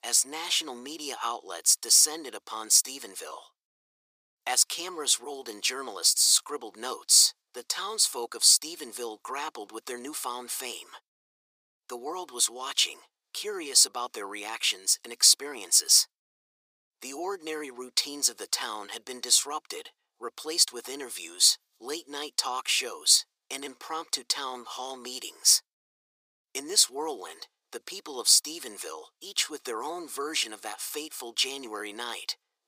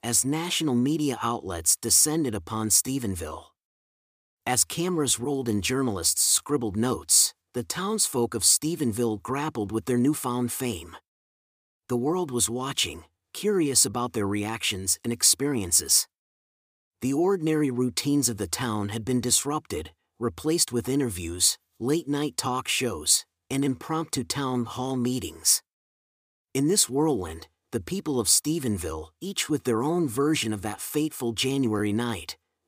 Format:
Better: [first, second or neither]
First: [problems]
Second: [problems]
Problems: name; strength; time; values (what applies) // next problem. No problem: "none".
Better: second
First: thin; very; fading below 500 Hz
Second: none